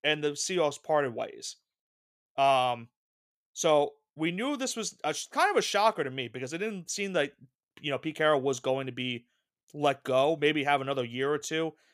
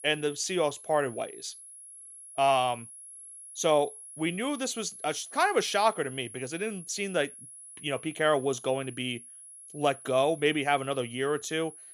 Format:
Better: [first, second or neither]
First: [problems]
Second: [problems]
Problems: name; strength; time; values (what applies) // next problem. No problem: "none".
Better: first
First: none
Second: high-pitched whine; noticeable; throughout; 10.5 kHz, 15 dB below the speech